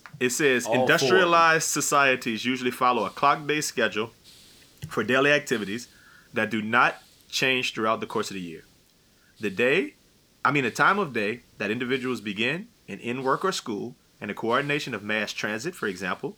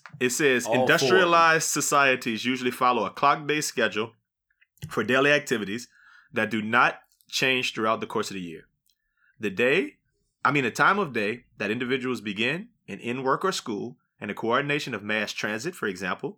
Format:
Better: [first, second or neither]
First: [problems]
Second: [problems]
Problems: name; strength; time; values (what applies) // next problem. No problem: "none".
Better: second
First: hiss; faint; throughout; 30 dB below the speech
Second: none